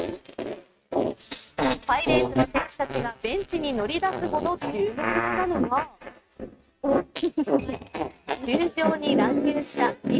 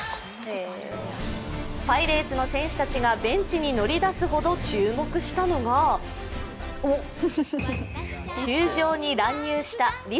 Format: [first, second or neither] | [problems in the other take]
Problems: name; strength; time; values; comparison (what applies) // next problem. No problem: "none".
second | noise reduction (neural mask model RNNoise)